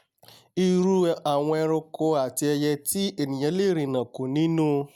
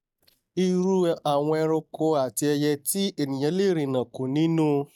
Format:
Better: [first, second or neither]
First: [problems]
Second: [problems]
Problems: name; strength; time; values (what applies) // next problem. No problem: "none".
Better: first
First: none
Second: noise reduction (neural mask model DeepFilterNet 3)